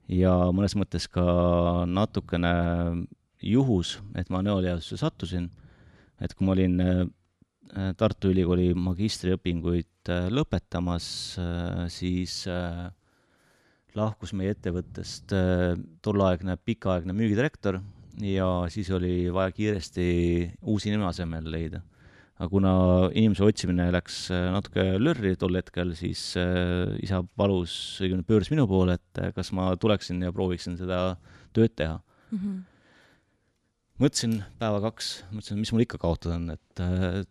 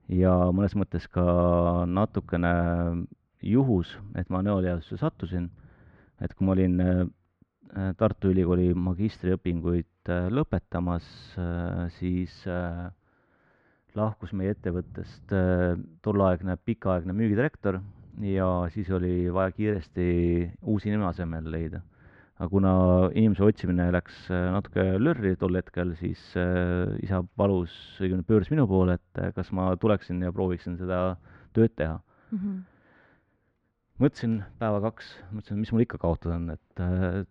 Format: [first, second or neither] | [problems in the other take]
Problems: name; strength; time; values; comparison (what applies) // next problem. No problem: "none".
first | muffled; very; fading above 1.5 kHz